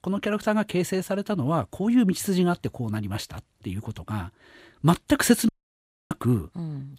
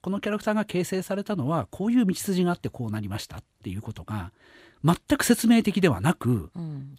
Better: second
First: audio cutting out; at 5.5 s for 0.5 s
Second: none

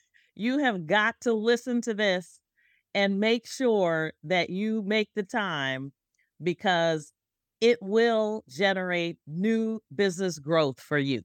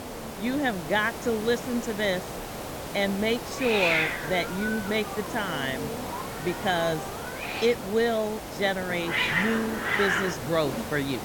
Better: first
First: none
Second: hiss; loud; throughout; 2 dB below the speech

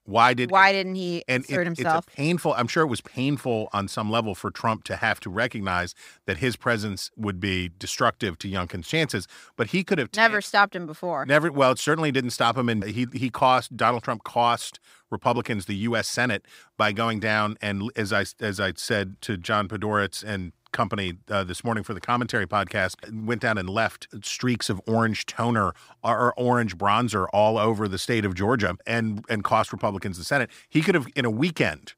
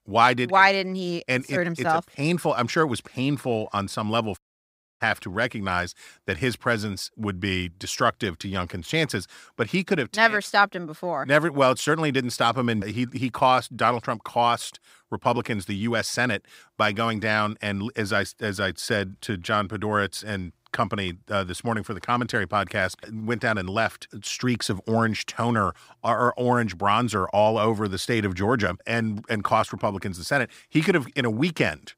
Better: first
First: none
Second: audio cutting out; at 4.5 s for 0.5 s

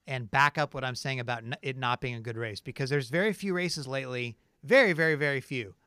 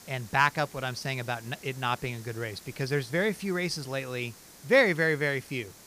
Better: first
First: none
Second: hiss; noticeable; throughout; 20 dB below the speech

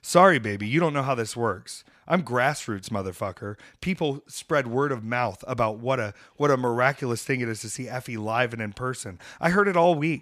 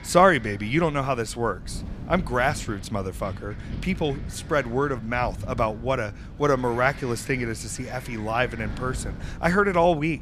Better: first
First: none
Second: wind noise on the microphone; occasional gusts; 20 dB below the speech

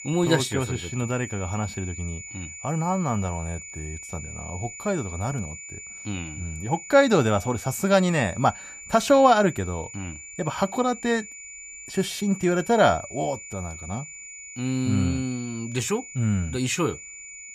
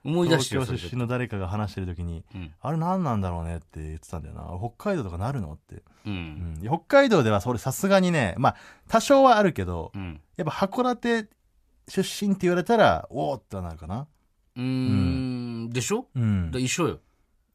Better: second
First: high-pitched whine; noticeable; throughout; 7 kHz, 15 dB below the speech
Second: none

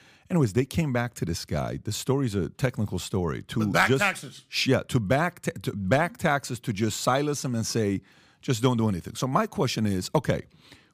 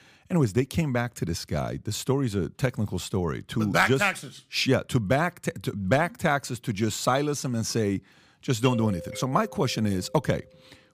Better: first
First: none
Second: doorbell; noticeable; from 8.5 to 10 s; peak 9 dB below the speech

